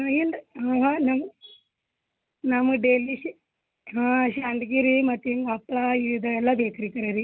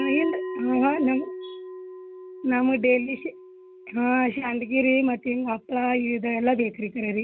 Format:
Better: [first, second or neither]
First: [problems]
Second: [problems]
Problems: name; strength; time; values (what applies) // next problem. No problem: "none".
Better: first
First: none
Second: background sound (Bell); 12 dB below the speech